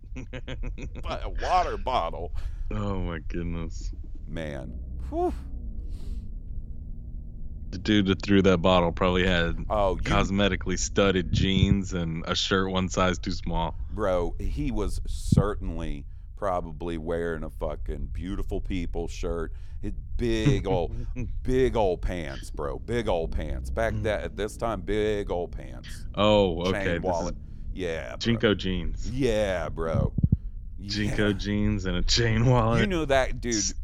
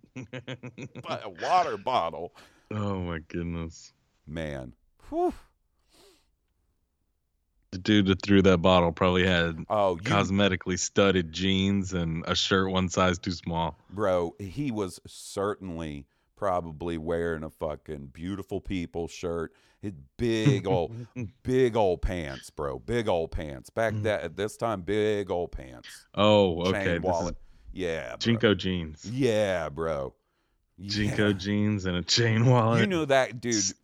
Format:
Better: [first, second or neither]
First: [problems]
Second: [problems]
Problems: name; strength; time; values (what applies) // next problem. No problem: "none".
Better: second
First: low rumble; noticeable; throughout; 20 dB below the speech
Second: none